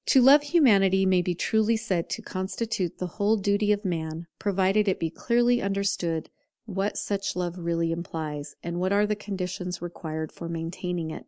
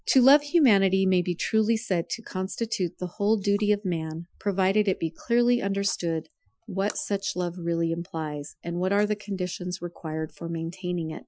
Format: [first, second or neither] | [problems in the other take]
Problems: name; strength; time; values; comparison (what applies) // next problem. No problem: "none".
first | noise reduction (classical method Wiener filter)